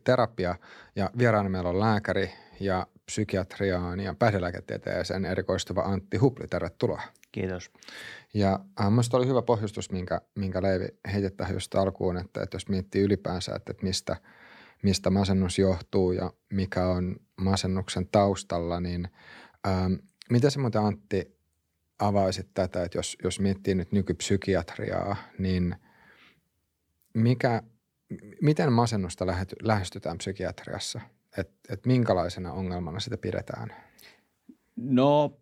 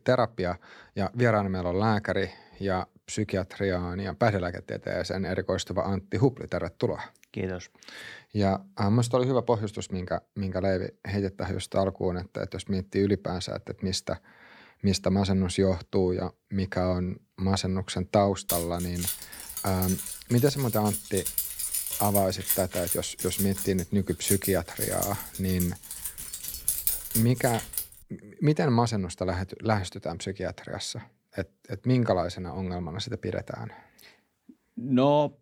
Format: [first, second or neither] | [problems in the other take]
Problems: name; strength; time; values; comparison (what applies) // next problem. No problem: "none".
first | jangling keys; loud; from 18 to 28 s; peak 3 dB above the speech